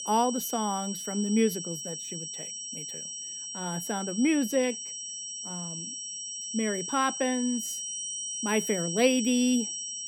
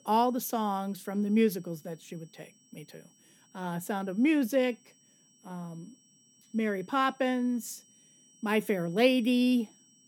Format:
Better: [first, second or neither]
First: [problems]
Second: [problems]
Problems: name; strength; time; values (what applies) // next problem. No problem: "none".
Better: second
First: high-pitched whine; loud; throughout; 5.5 kHz, 5 dB below the speech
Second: high-pitched whine; faint; throughout; 5.5 kHz, 30 dB below the speech